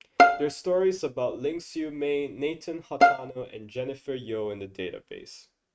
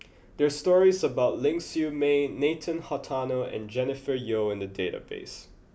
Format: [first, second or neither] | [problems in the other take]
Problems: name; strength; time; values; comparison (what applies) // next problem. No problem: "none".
second | noise reduction (neural mask model RNNoise)